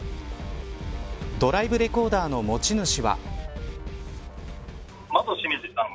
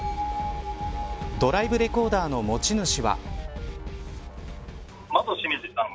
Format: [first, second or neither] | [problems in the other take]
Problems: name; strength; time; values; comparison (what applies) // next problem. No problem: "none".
first | background sound (Bell); 11 dB below the speech